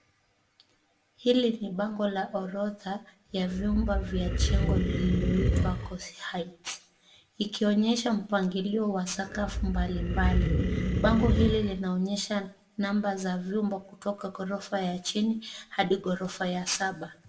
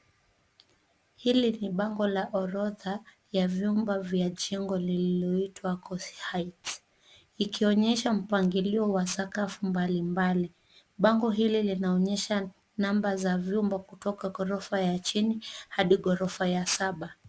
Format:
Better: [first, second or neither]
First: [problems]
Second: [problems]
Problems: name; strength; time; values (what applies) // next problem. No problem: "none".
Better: second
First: background sound (Animal); 2 dB above the speech // room echo; dies away in 0.4 s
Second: none